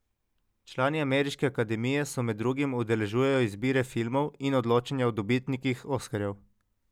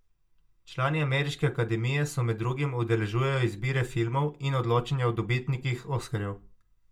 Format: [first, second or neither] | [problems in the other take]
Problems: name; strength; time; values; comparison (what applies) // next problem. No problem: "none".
first | room echo; dies away in 0.2 s